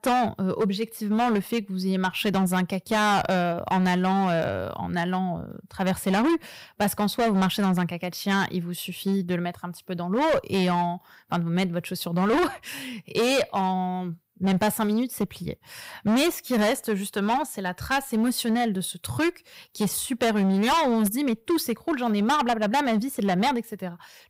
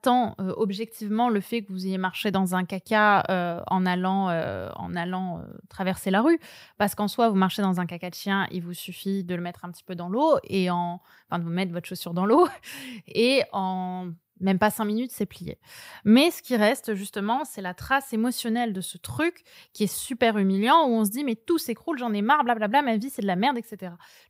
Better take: second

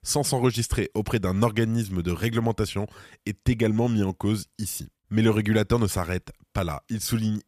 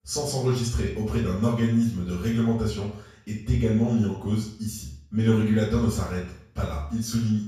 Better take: first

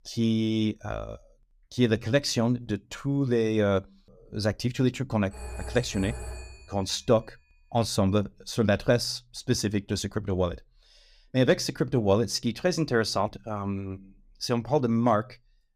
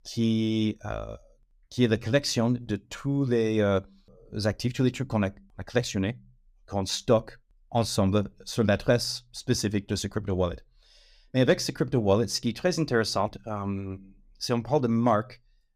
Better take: second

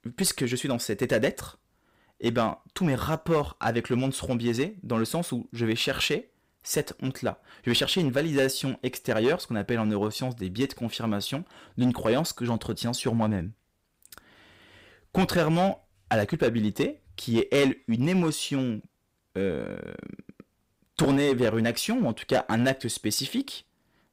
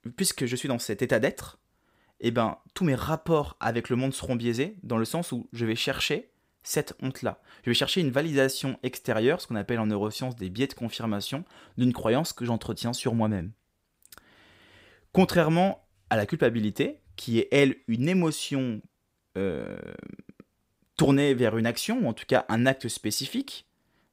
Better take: second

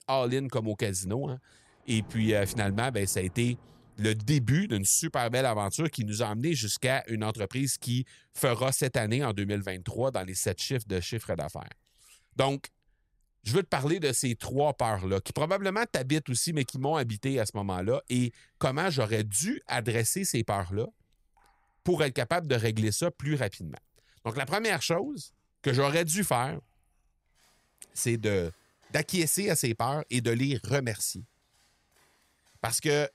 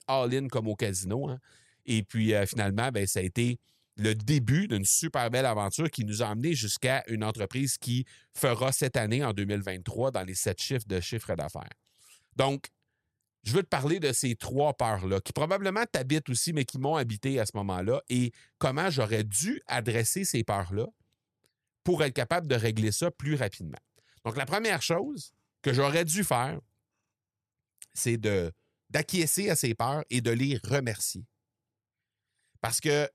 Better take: second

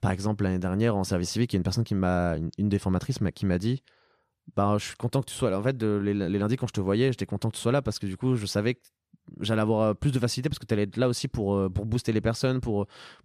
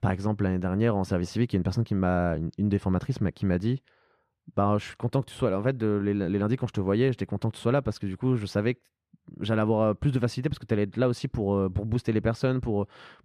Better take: first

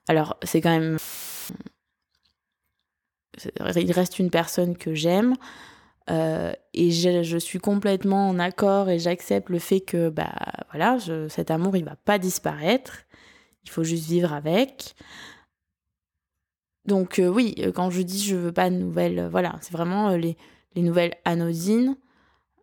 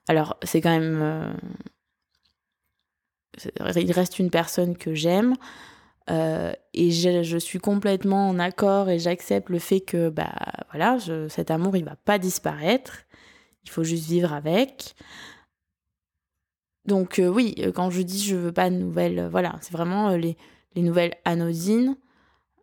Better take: second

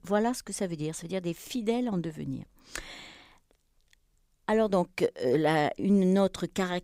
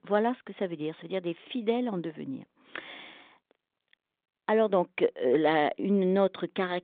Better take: first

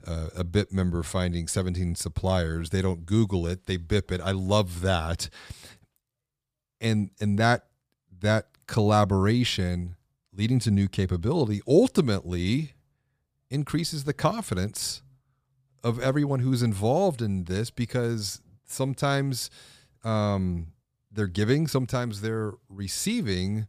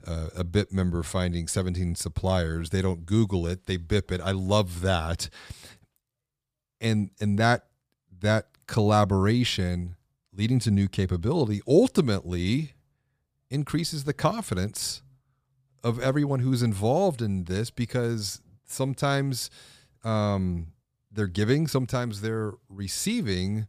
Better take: neither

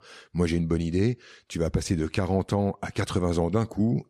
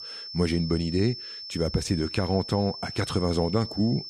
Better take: first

